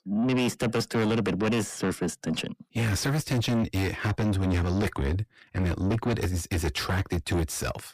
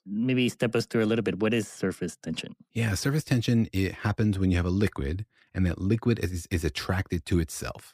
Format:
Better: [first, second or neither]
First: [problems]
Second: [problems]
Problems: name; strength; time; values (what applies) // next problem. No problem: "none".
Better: second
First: distortion; heavy; 6 dB below the speech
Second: none